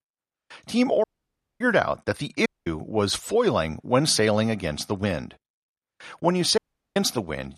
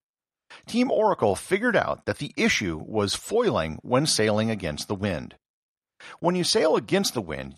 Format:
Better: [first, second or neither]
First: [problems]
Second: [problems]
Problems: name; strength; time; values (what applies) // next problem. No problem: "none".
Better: second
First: audio cutting out; at 1 s for 0.5 s, at 2.5 s and at 6.5 s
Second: none